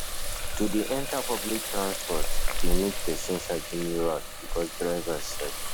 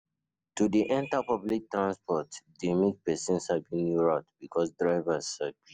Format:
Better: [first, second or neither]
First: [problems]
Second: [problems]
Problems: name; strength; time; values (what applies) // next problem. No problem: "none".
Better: second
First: background sound (Water tap, faucet); 4 dB above the speech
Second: none